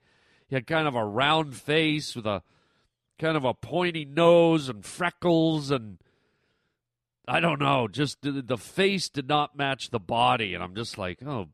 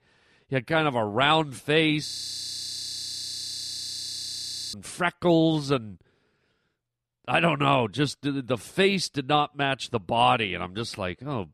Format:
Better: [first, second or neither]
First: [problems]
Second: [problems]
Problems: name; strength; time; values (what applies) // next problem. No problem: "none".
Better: first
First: none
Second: audio freezing; at 2 s for 2.5 s